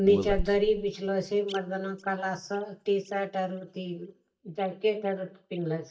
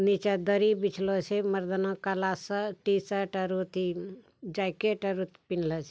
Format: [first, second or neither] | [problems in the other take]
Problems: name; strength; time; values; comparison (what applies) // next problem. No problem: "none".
second | noise reduction (neural mask model DeepFilterNet 3)